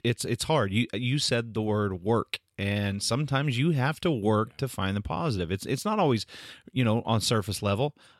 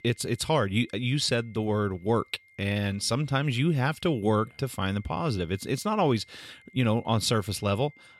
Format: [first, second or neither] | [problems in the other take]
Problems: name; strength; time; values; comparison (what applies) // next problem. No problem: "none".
first | high-pitched whine; faint; throughout; 2 kHz, 30 dB below the speech